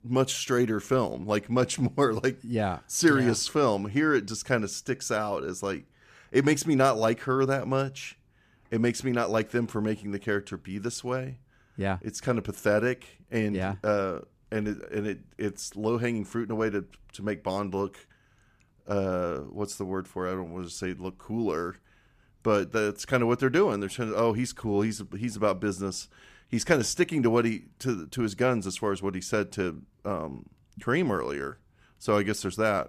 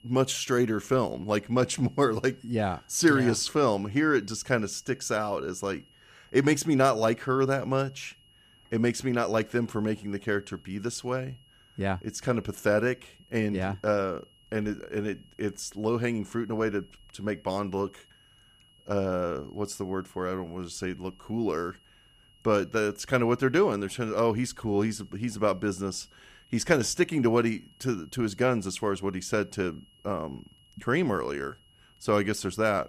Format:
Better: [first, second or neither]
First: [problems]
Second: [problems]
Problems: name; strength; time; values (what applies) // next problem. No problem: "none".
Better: first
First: none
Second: high-pitched whine; faint; throughout; 3 kHz, 30 dB below the speech